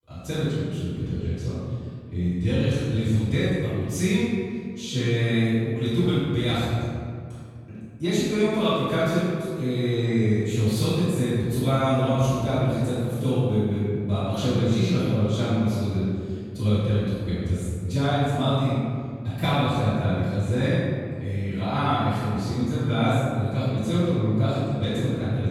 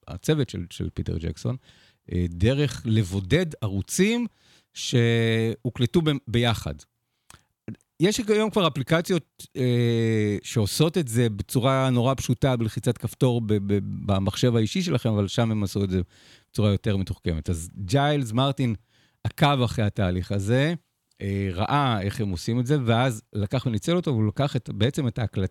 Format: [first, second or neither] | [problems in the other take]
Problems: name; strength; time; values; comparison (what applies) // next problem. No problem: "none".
second | off-mic speech; far // room echo; strong; dies away in 1.9 s